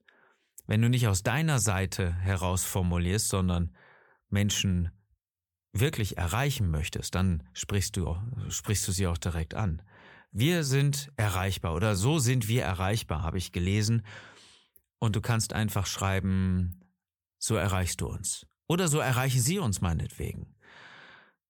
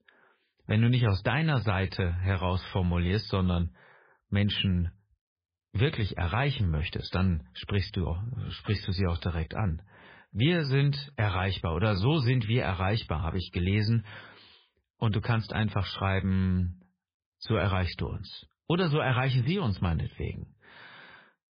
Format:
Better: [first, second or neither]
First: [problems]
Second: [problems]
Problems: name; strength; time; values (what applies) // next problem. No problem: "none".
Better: first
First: none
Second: garbled, watery; badly; nothing above 5 kHz